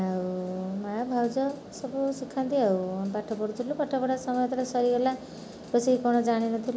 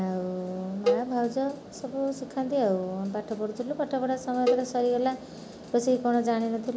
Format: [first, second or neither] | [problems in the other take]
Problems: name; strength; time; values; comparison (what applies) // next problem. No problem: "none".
first | background sound (Cowbell); 4 dB below the speech